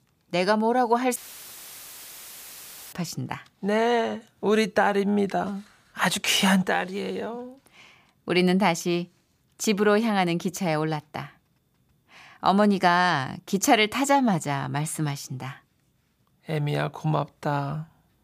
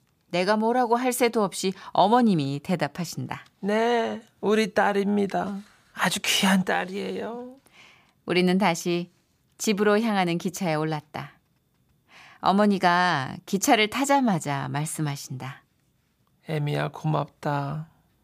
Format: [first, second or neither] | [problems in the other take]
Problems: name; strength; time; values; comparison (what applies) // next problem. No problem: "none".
second | audio cutting out; filled with static; at 1 s for 2 s